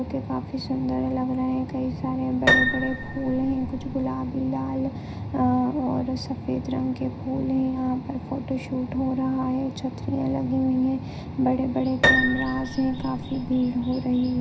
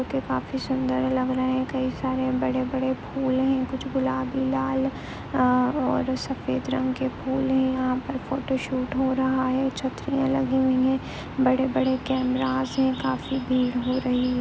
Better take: second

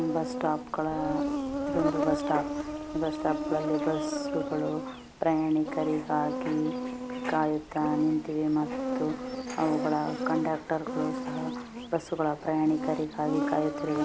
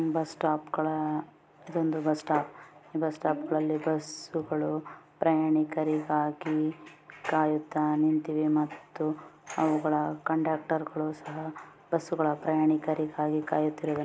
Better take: second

